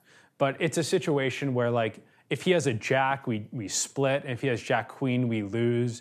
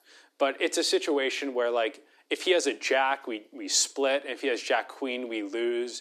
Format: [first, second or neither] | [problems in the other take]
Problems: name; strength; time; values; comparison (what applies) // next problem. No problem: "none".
first | thin; somewhat; fading below 300 Hz